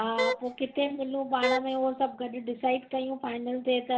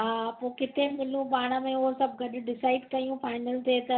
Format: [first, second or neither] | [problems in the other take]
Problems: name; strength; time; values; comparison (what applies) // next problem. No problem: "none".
second | background sound (Wind instrument, woodwind instrument); 2 dB below the speech